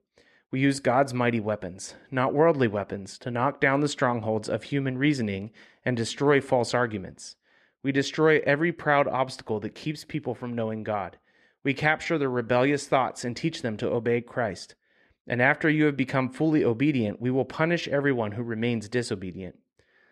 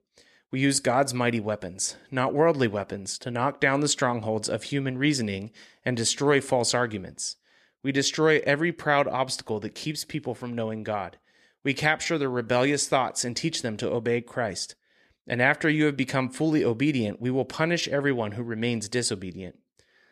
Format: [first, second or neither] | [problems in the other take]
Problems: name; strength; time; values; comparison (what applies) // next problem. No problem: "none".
second | muffled; slightly; fading above 4 kHz